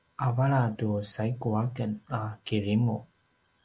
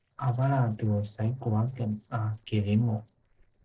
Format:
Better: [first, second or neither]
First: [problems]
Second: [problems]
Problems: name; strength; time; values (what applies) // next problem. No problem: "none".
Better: first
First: none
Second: noise reduction (neural separator model SepFormer DNS4)